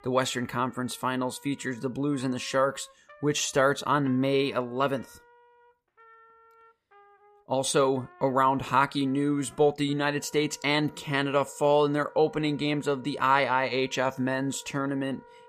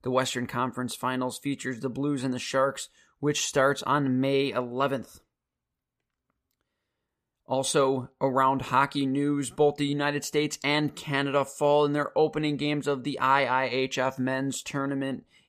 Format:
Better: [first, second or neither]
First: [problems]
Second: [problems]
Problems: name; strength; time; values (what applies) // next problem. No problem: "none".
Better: second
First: background music; faint; throughout; 25 dB below the speech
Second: none